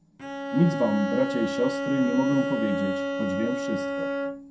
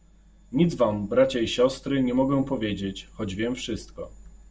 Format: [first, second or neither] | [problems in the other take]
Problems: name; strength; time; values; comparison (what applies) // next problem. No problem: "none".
second | background sound (Bowed string instrument); 2 dB below the speech // room echo; dies away in 0.2 s